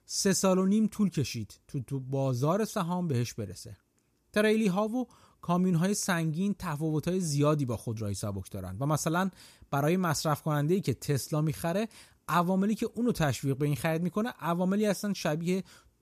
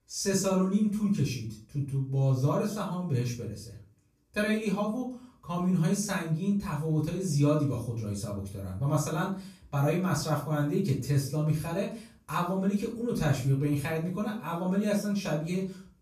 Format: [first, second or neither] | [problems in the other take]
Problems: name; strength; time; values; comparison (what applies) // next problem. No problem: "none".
first | room echo; slight; dies away in 0.3 s // off-mic speech; far